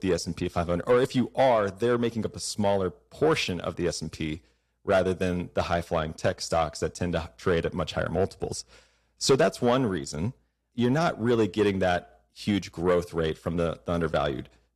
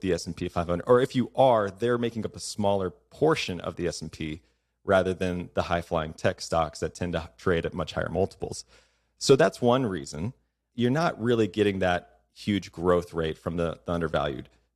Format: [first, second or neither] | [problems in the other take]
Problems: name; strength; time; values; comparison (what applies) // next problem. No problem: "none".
second | distortion; slight; 10 dB below the speech